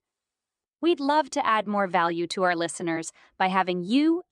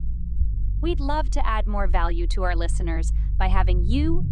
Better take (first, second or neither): first